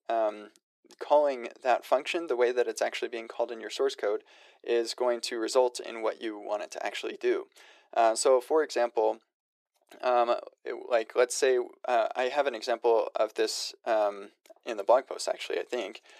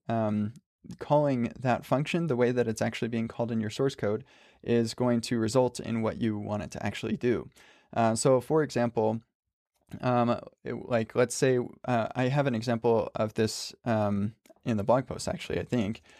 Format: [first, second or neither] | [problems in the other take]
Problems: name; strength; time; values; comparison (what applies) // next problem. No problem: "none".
second | thin; very; fading below 350 Hz